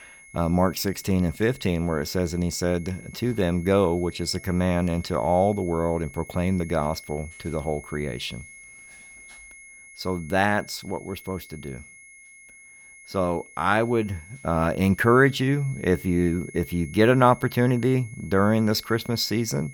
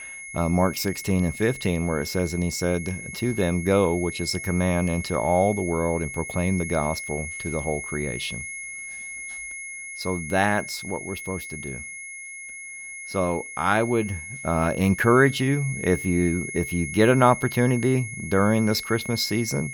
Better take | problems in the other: first | high-pitched whine; loud; throughout; 2 kHz, 9 dB below the speech; faint in the first

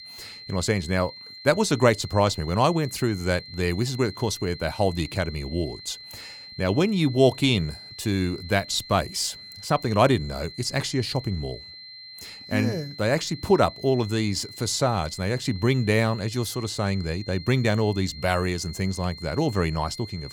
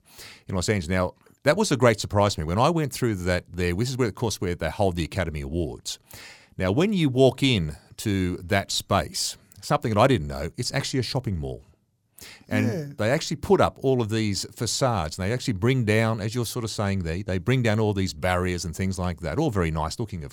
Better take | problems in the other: second | high-pitched whine; noticeable; throughout; 4 kHz, 15 dB below the speech

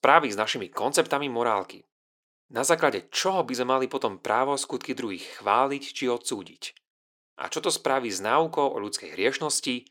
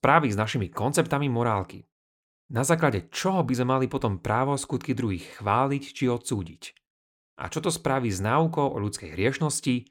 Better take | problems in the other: second | thin; somewhat; fading below 400 Hz

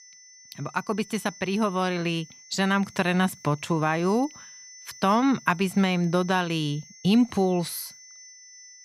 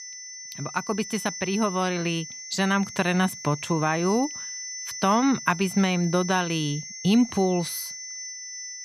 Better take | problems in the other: first | high-pitched whine; loud; throughout; 6 kHz, 10 dB below the speech; faint in the first

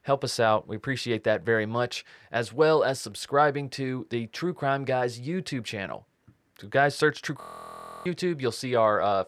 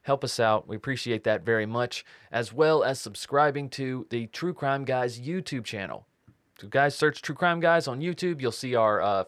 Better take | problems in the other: second | audio freezing; at 7.5 s for 0.5 s

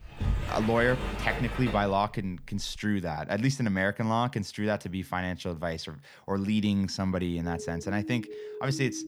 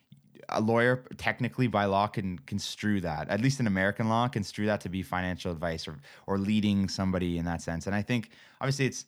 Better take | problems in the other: second | door banging; noticeable; until 3 s; peak 2 dB below the speech // siren; noticeable; from 7.5 s on; peak 9 dB below the speech

